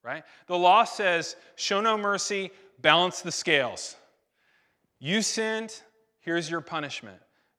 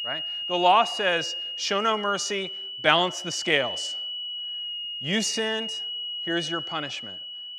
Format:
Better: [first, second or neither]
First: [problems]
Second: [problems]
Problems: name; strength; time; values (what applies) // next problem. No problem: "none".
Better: first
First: none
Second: high-pitched whine; loud; throughout; 3 kHz, 6 dB below the speech